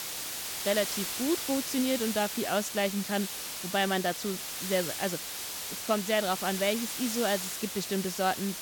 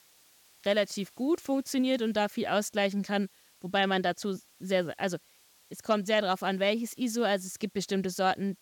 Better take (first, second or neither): second